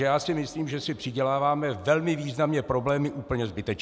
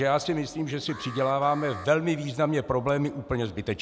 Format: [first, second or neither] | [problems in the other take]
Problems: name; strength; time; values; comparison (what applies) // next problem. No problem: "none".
first | background sound (Alarm); 16 dB below the speech